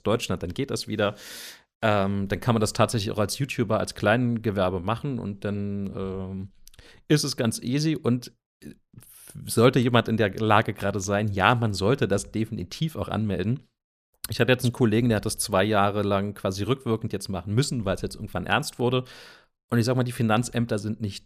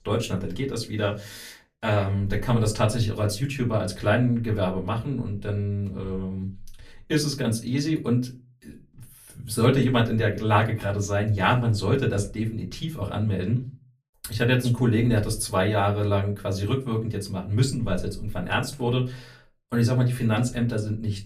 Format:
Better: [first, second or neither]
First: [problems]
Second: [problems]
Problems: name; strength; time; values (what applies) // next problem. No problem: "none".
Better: first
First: none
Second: off-mic speech; far // room echo; very slight; dies away in 0.2 s